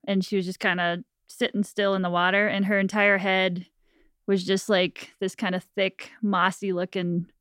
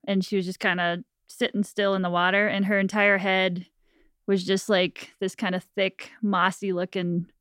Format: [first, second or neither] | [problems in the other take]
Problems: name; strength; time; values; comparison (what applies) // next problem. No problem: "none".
neither | none